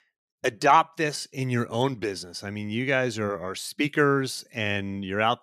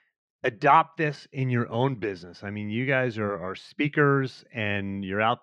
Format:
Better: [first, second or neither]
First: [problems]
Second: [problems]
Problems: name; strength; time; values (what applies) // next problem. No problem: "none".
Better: first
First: none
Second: muffled; slightly; fading above 2.5 kHz